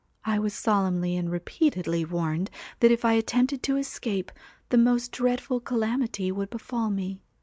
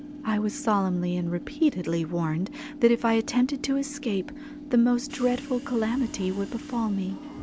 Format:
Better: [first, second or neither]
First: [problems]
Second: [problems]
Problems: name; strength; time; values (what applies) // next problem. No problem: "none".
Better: first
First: none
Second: background sound (Subway, metro, underground / Train); 13 dB below the speech